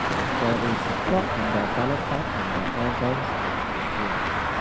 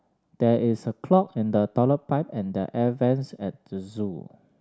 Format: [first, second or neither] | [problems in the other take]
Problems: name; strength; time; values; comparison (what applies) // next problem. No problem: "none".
second | background sound (Traffic noise, roadway noise); 4 dB above the speech